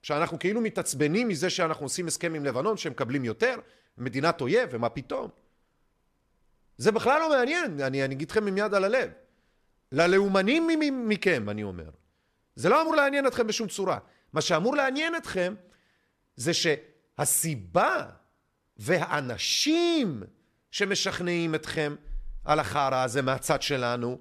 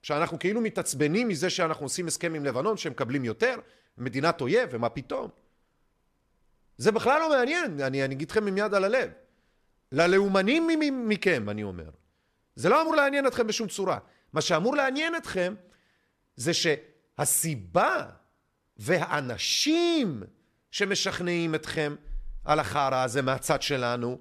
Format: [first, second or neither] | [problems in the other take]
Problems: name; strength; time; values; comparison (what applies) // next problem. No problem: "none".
neither | none